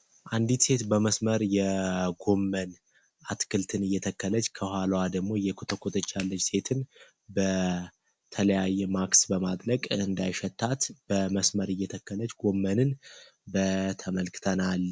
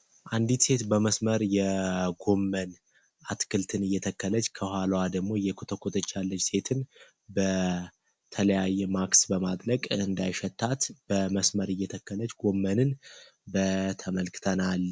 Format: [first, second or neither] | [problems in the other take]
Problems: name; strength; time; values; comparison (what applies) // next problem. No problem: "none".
second | background sound (Clapping); 14 dB below the speech